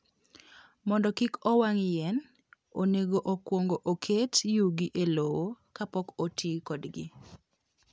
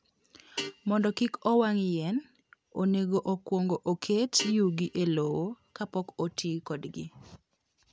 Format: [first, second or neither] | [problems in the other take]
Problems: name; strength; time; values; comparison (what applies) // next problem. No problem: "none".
first | background sound (Guitar); 17 dB below the speech